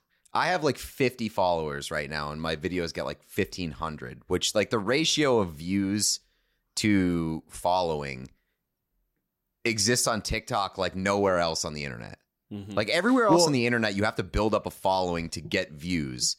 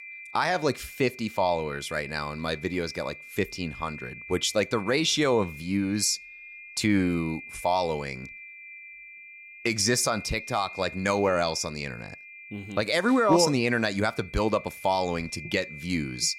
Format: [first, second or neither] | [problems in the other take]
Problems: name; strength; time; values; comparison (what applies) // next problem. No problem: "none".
first | high-pitched whine; noticeable; throughout; 2.5 kHz, 15 dB below the speech